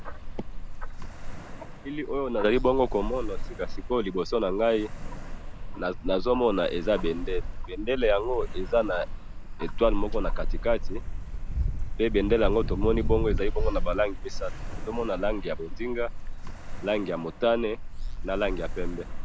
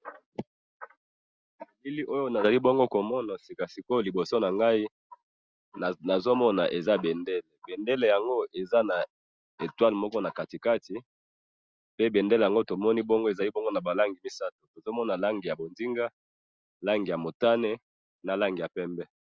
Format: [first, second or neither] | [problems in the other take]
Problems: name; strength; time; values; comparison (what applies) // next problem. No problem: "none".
second | background sound (Ocean); 1 dB below the speech